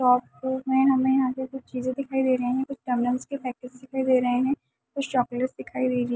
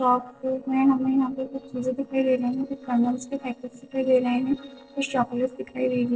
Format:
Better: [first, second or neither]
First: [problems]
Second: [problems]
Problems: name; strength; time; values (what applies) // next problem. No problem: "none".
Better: first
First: none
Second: noise reduction (neural separator model SepFormer DNS4)